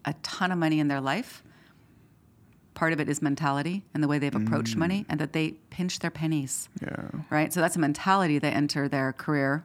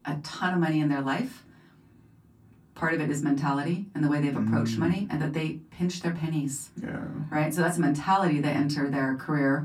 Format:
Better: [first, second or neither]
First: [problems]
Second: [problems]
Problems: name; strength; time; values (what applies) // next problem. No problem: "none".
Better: first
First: none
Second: off-mic speech; far // room echo; very slight; dies away in 0.2 s